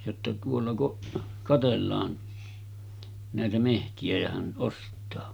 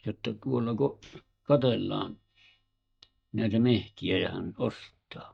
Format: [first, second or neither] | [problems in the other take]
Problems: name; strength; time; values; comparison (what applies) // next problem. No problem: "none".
first | noise reduction (neural mask model DeepFilterNet 3)